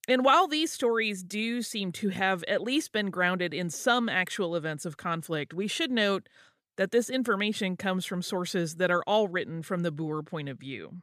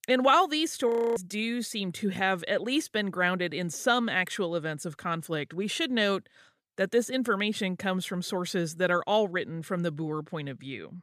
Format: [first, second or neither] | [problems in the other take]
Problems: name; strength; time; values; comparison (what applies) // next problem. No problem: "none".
first | audio freezing; at 1 s